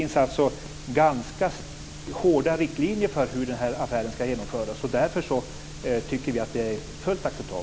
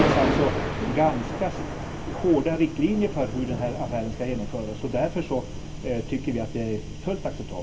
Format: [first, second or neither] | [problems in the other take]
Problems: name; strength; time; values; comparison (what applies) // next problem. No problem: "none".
first | background sound (Thunder); 5 dB below the speech // room echo; dies away in 0.2 s